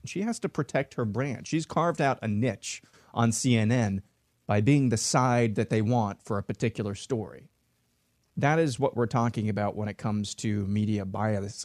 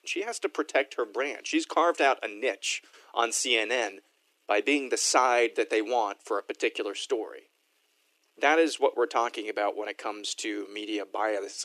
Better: first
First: none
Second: thin; very; fading below 300 Hz

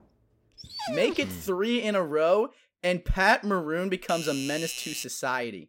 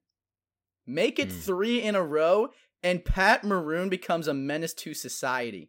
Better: second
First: dog barking; noticeable; at 0.5 s; peak 5 dB below the speech // doorbell; noticeable; from 4 to 5 s; peak 7 dB below the speech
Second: none

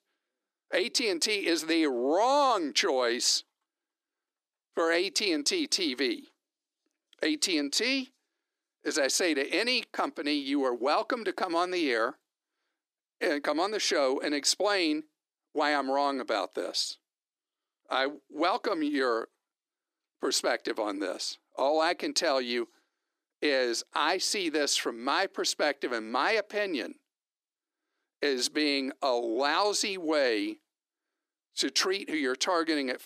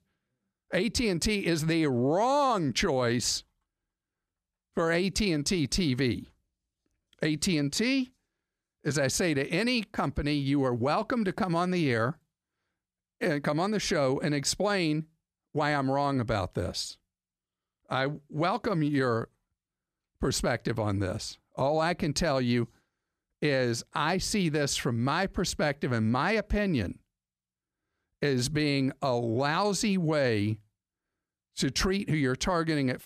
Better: second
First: thin; somewhat; fading below 300 Hz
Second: none

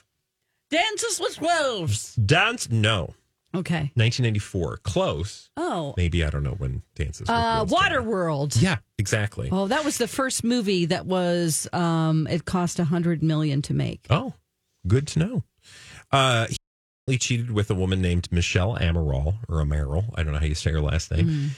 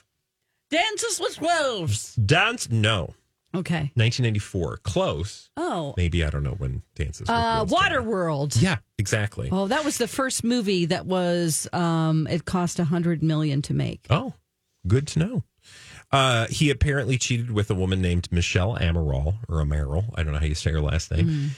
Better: second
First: audio cutting out; at 17 s for 0.5 s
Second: none

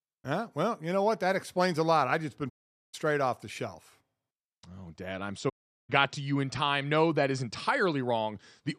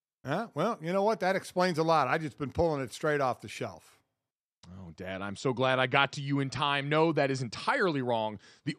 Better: second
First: audio cutting out; at 2.5 s and at 5.5 s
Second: none

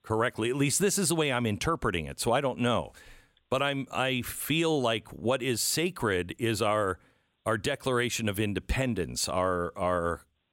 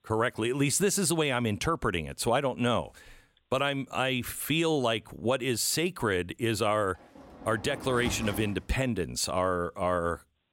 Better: first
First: none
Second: door banging; noticeable; from 7 to 8.5 s; peak 8 dB below the speech

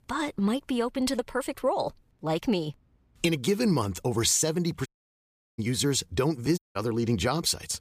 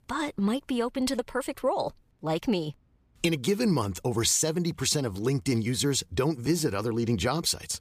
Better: second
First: audio cutting out; at 5 s for 0.5 s and at 6.5 s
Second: none

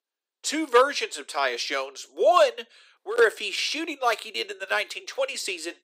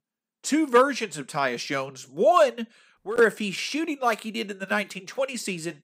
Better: second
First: thin; somewhat; fading below 350 Hz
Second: none

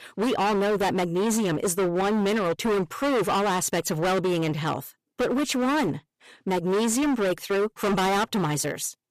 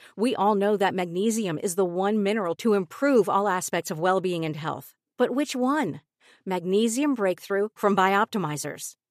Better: second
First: distortion; heavy; 28% of the sound clipped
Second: none

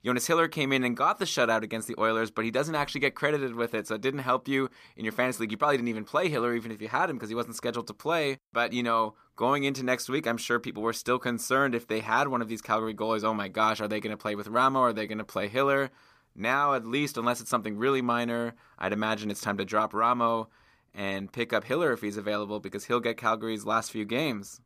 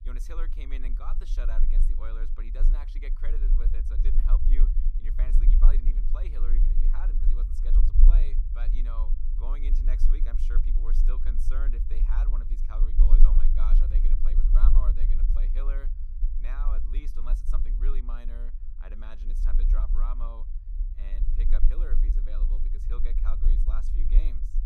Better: first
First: none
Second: low rumble; loud; throughout; 5 dB below the speech

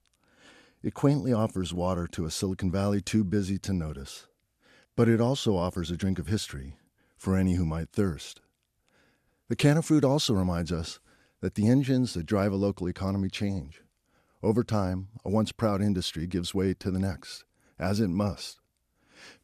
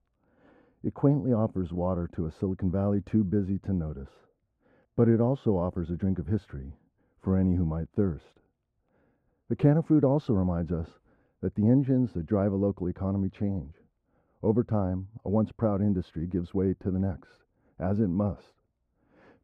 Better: first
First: none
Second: muffled; very; fading above 2.5 kHz

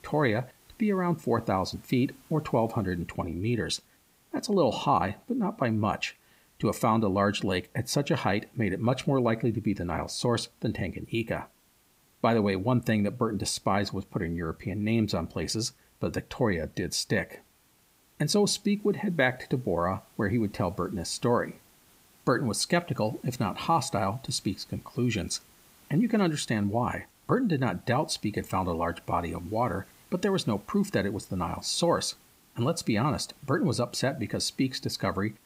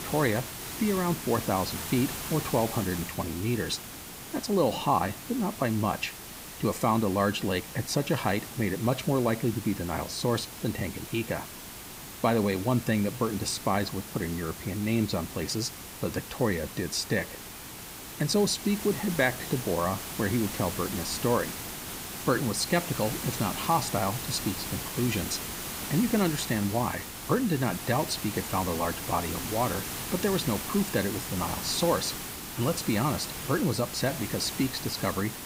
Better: first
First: hiss; faint; throughout; 30 dB below the speech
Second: hiss; loud; throughout; 7 dB below the speech

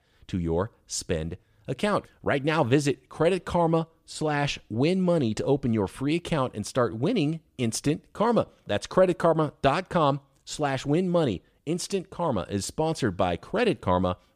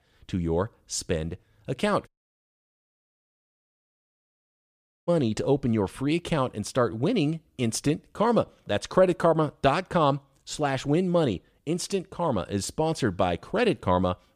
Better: first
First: none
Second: audio cutting out; at 2 s for 3 s

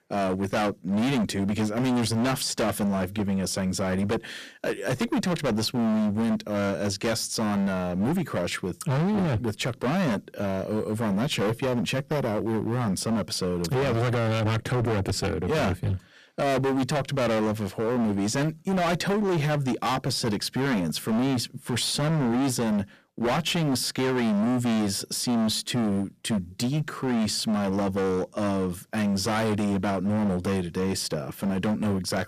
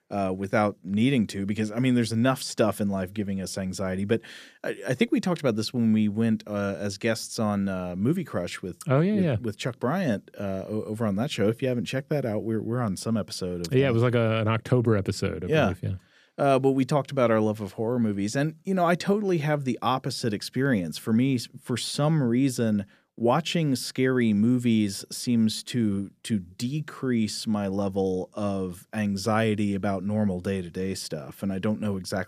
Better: second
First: distortion; heavy; 28% of the sound clipped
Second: none

